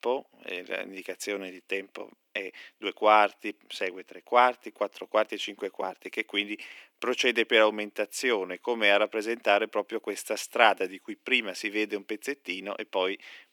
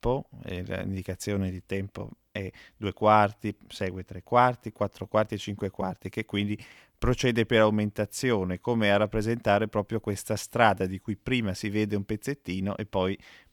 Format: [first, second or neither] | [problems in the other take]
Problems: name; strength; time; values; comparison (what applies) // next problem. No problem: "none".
second | thin; somewhat; fading below 300 Hz